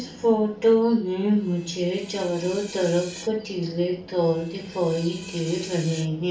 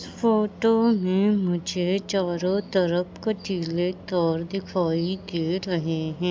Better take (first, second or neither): second